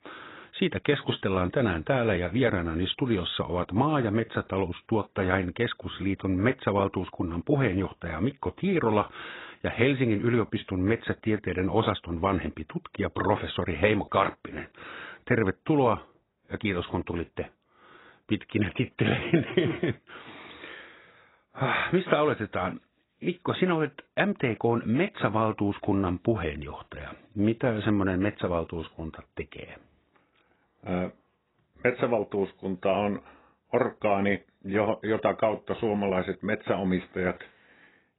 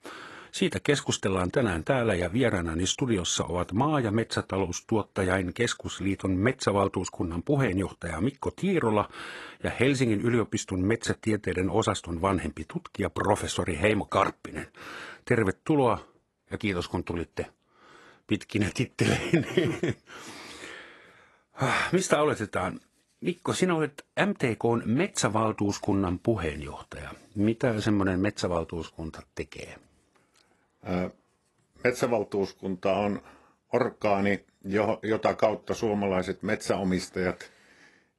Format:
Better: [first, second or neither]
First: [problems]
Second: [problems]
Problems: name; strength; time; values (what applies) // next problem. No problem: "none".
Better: second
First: garbled, watery; badly; nothing above 4 kHz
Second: garbled, watery; slightly; nothing above 11.5 kHz